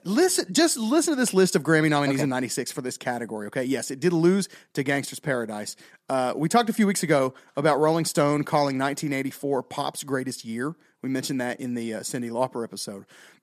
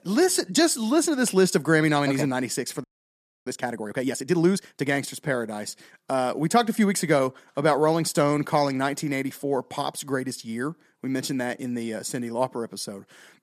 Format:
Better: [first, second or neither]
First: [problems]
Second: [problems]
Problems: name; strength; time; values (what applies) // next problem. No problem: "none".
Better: first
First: none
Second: audio freezing; at 3 s for 0.5 s